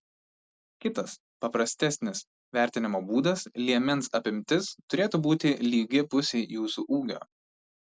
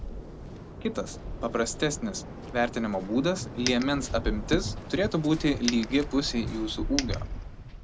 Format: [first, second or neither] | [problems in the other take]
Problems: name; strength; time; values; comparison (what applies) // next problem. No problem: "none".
first | background sound (Coin (dropping) + Waves, surf); 6 dB below the speech